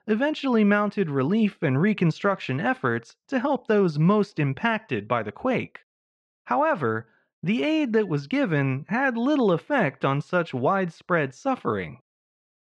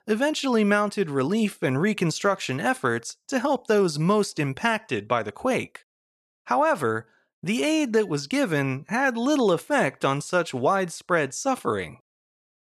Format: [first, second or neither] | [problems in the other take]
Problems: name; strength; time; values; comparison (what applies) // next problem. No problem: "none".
second | muffled; slightly; fading above 2.5 kHz